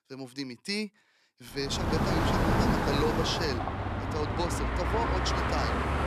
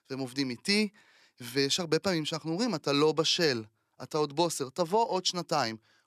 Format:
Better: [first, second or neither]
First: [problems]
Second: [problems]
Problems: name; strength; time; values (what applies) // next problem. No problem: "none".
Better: second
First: traffic noise; very loud; from 2 s on; 5 dB above the speech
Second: none